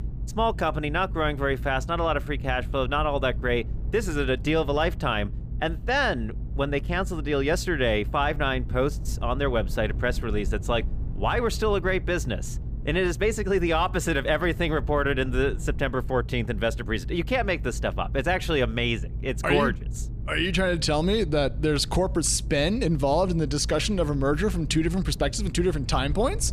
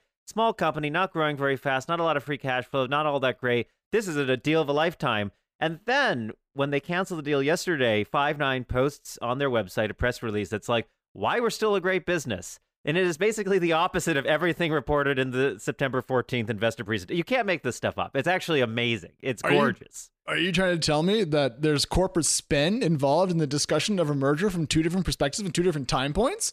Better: second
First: low rumble; faint; throughout; 20 dB below the speech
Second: none

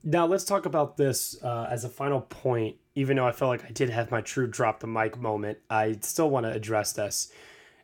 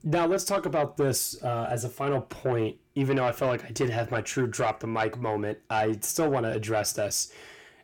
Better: first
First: none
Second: distortion; slight; 10 dB below the speech

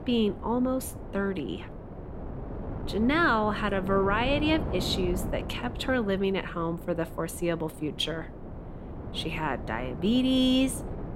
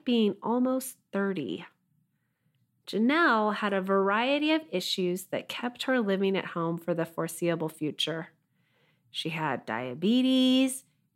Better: second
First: wind noise on the microphone; occasional gusts; 15 dB below the speech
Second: none

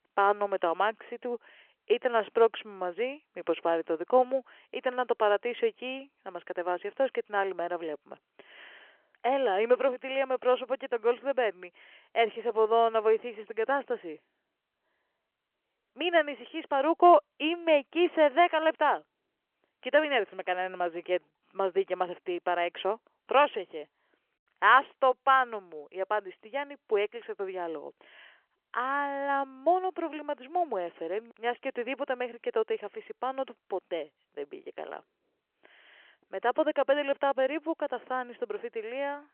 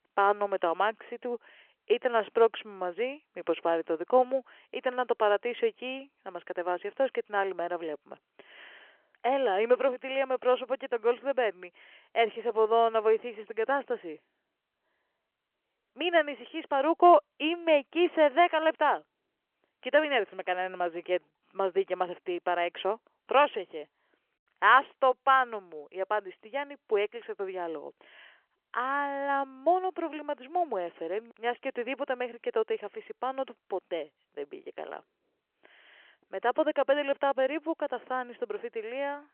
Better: neither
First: phone-call audio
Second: phone-call audio

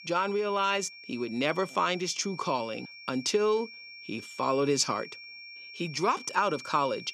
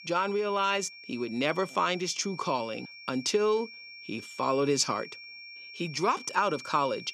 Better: neither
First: high-pitched whine; noticeable; throughout; 2.5 kHz, 15 dB below the speech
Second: high-pitched whine; noticeable; throughout; 2.5 kHz, 15 dB below the speech

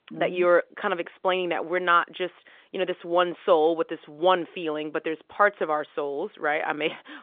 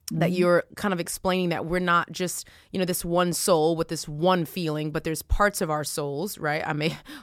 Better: second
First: phone-call audio; nothing above 3.5 kHz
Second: none

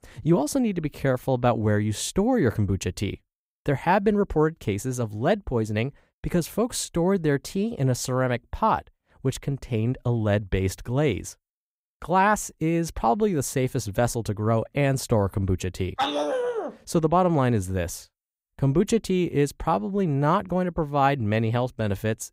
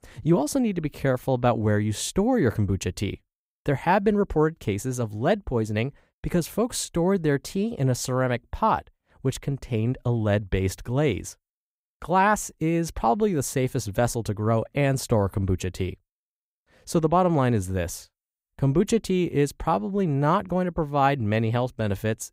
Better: second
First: dog barking; noticeable; at 16 s; peak level with the speech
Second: none

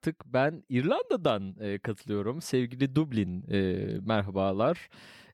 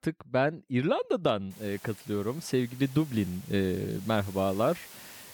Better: first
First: none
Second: hiss; noticeable; from 1.5 s on; 20 dB below the speech

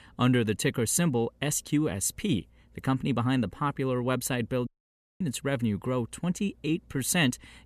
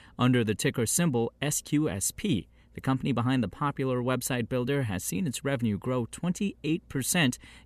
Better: second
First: audio cutting out; at 4.5 s for 0.5 s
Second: none

